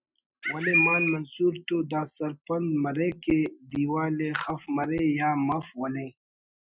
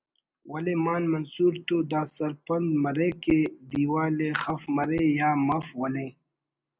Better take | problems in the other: second | noise reduction (classical method Wiener filter)

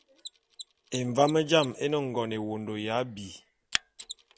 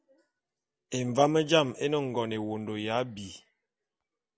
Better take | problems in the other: second | background sound (Mechanisms); 13 dB below the speech

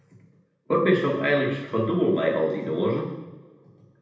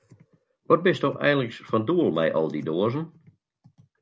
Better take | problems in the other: second | room echo; dies away in 0.9 s

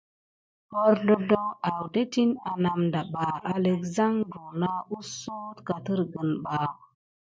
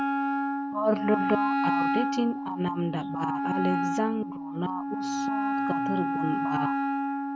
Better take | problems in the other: first | background sound (Wind instrument, woodwind instrument); 2 dB above the speech

